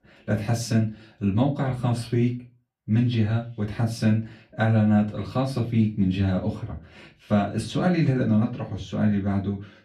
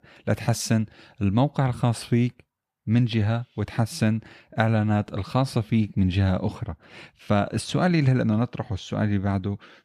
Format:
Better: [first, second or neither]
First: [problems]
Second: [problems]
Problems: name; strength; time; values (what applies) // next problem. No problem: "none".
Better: second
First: off-mic speech; far // room echo; very slight; dies away in 0.3 s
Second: none